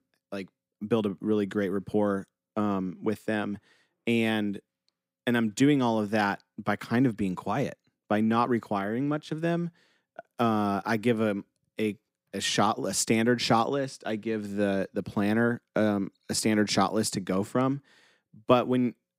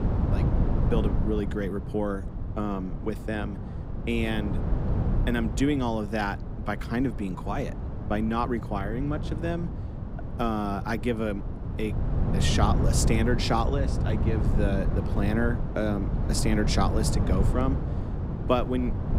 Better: first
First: none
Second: wind noise on the microphone; heavy; 8 dB below the speech

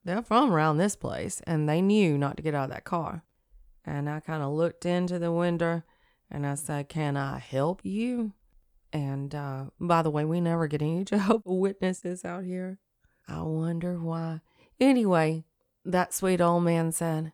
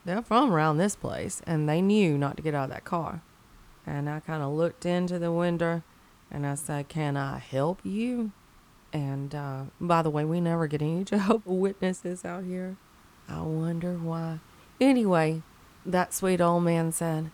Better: first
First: none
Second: hiss; faint; throughout; 30 dB below the speech

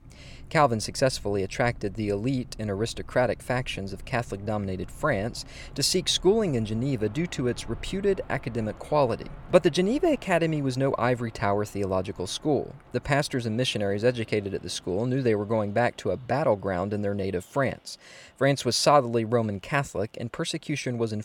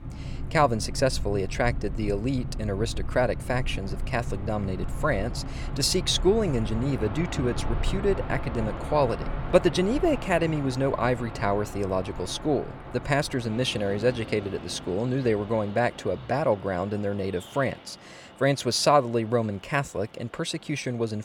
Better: first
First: train or aircraft noise; faint; throughout; 20 dB below the speech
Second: train or aircraft noise; loud; throughout; 10 dB below the speech

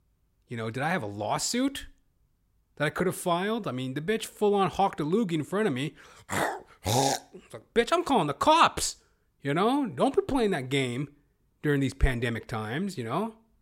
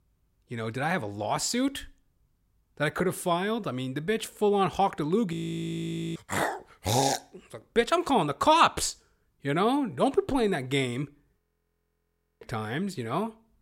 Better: first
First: none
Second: audio freezing; at 5.5 s for 1 s and at 11 s for 1 s

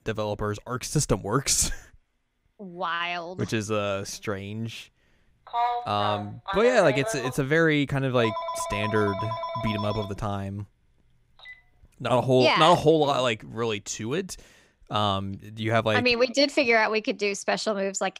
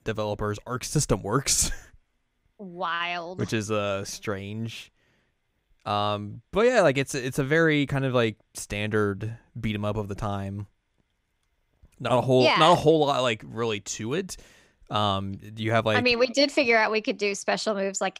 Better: second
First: phone ringing; noticeable; from 5.5 to 13 s; peak 2 dB below the speech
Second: none

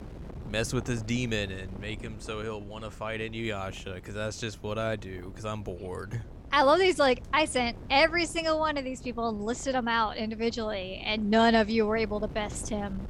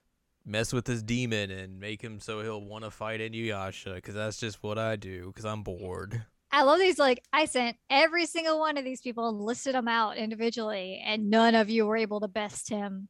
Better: second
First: wind noise on the microphone; occasional gusts; 25 dB below the speech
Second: none

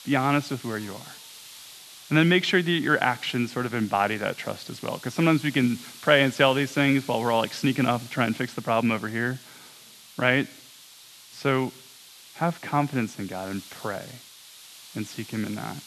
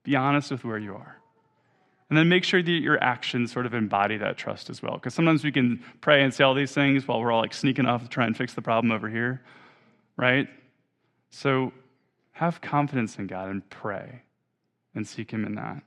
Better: second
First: hiss; noticeable; throughout; 20 dB below the speech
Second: none

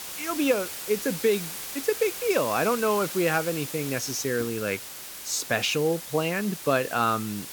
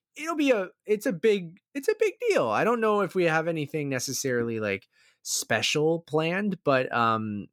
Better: second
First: hiss; loud; throughout; 8 dB below the speech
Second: none

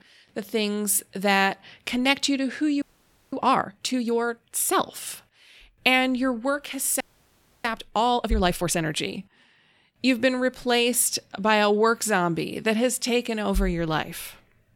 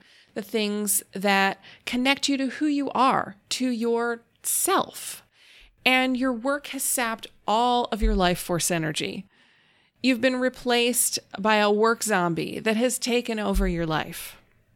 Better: second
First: audio freezing; at 3 s for 0.5 s and at 7 s for 0.5 s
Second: none

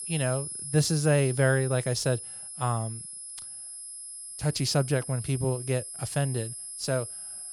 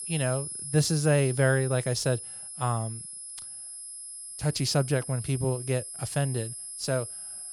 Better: neither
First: high-pitched whine; loud; throughout; 11 kHz, 9 dB below the speech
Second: high-pitched whine; loud; throughout; 11 kHz, 9 dB below the speech

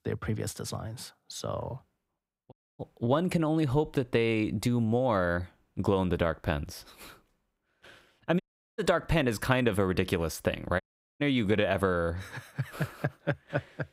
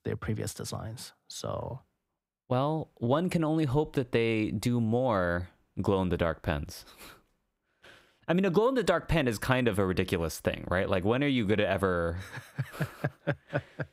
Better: second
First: audio cutting out; at 2.5 s, at 8.5 s and at 11 s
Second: none

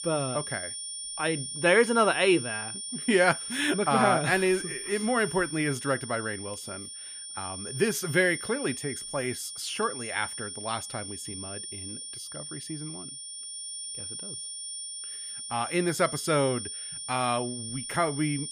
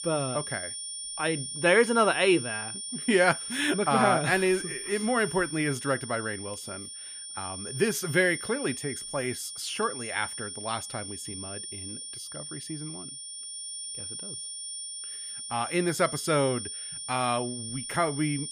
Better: neither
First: high-pitched whine; loud; throughout; 9 kHz, 8 dB below the speech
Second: high-pitched whine; loud; throughout; 9 kHz, 8 dB below the speech

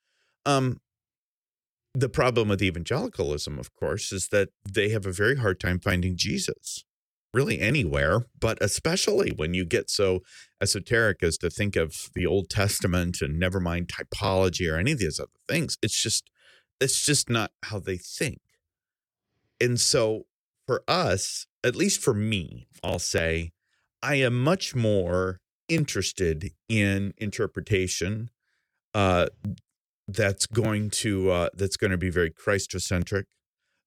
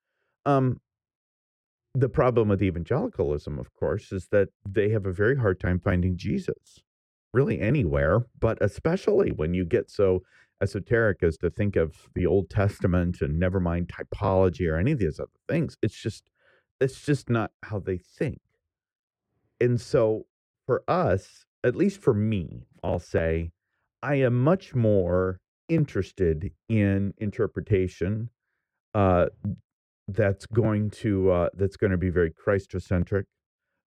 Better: first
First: none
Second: muffled; very; fading above 2.5 kHz

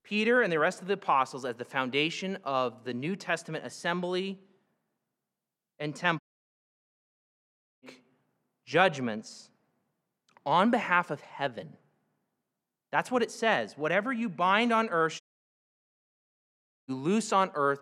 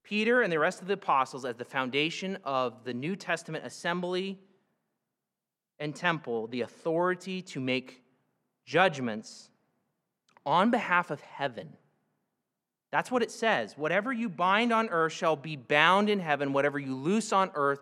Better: second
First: audio cutting out; at 6 s for 1.5 s and at 15 s for 1.5 s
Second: none

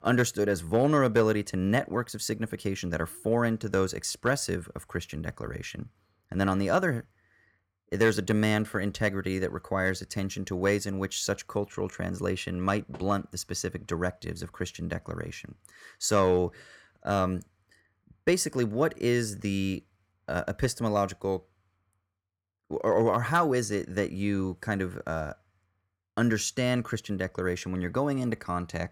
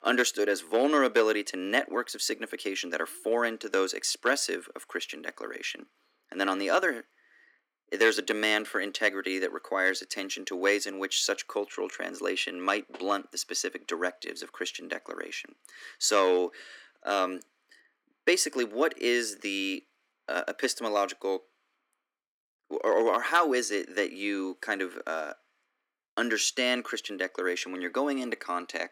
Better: first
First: none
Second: thin; somewhat; fading below 250 Hz

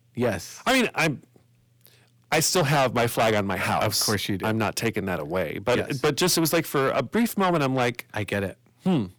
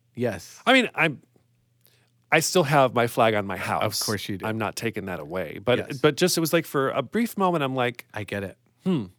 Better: second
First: distortion; heavy; 6 dB below the speech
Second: none

